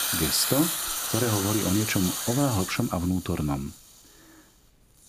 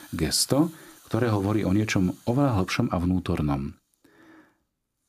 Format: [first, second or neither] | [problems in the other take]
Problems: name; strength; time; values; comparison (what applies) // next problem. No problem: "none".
second | hiss; loud; throughout; 1 dB below the speech; faint in the second